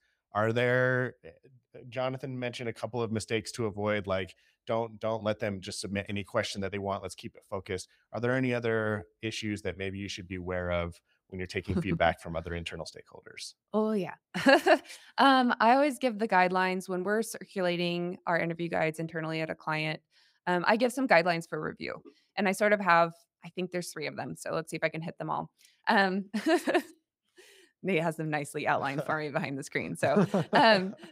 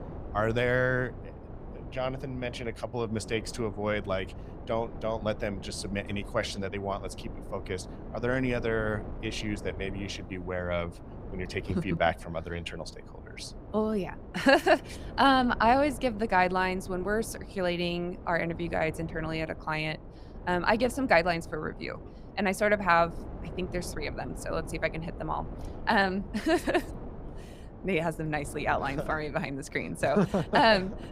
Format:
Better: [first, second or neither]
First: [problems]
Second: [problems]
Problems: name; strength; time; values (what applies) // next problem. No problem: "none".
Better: first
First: none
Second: wind noise on the microphone; occasional gusts; 20 dB below the speech